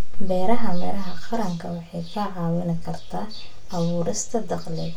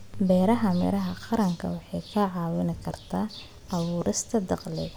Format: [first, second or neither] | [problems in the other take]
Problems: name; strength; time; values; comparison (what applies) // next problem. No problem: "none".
second | room echo; dies away in 0.2 s